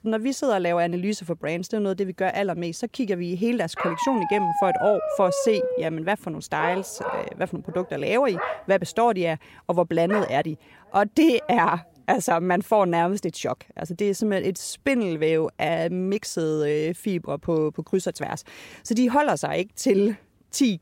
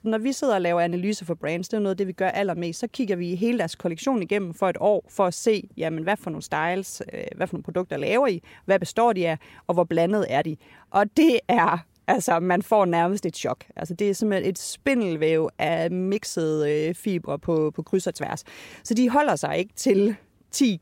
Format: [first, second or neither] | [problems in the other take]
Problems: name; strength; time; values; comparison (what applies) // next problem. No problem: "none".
second | dog barking; loud; from 4 to 11 s; peak level with the speech